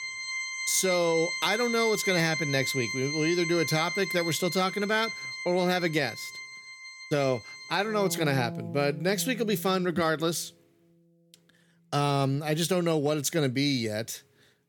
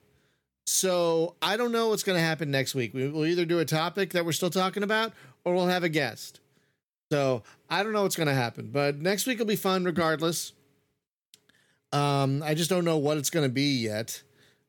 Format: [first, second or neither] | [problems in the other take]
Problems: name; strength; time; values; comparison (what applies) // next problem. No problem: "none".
second | background music; loud; throughout; 6 dB below the speech